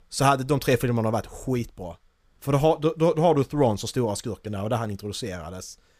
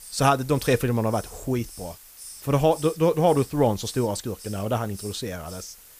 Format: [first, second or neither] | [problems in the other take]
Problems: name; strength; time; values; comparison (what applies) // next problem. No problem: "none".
first | hiss; noticeable; throughout; 20 dB below the speech